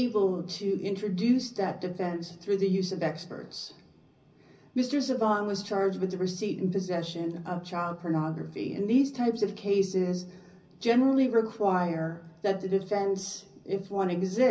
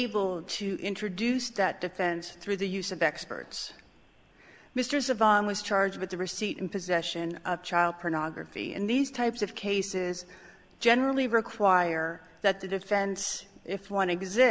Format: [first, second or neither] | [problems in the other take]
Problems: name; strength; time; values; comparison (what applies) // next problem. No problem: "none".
second | room echo; dies away in 0.5 s